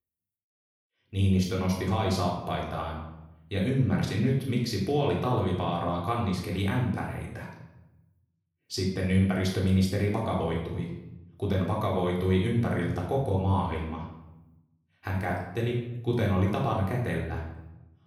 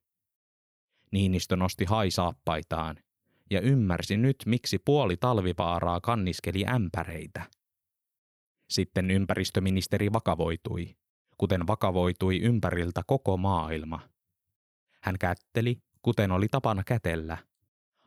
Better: second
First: room echo; noticeable; dies away in 0.7 s // off-mic speech; far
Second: none

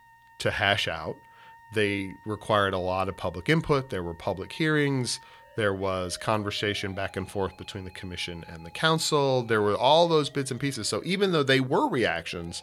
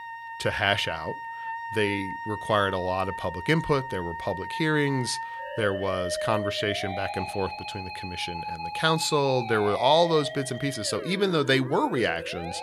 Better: first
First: background music; faint; throughout; 25 dB below the speech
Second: background music; loud; throughout; 8 dB below the speech

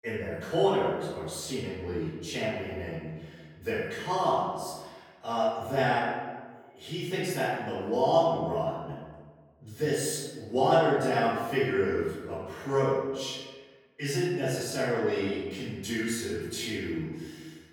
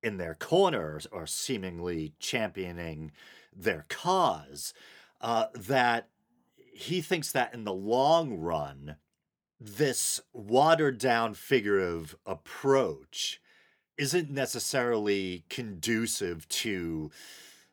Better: second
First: off-mic speech; far // room echo; strong; dies away in 1.4 s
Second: none

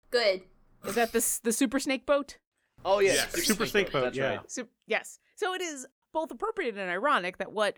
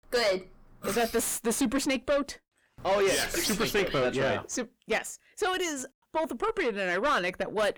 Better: first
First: none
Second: distortion; heavy; 7 dB below the speech

